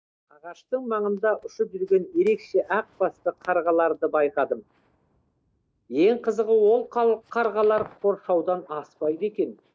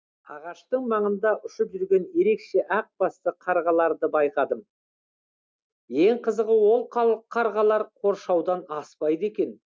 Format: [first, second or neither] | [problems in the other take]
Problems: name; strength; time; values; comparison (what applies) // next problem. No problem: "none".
second | noise reduction (neural mask model DeepFilterNet 3)